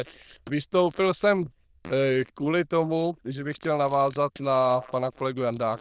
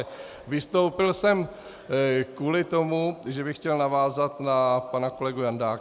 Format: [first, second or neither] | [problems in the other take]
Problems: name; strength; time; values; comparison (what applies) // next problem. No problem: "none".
second | noise reduction (neural diffusion model UNIVERSE++)